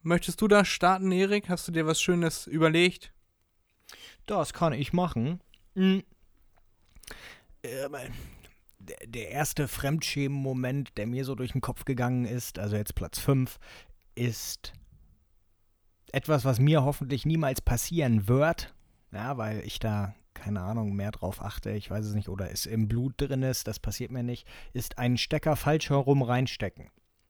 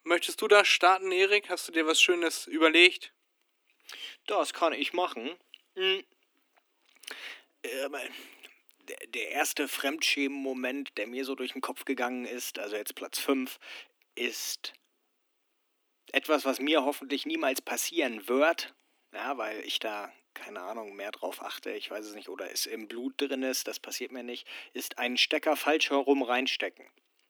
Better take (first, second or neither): first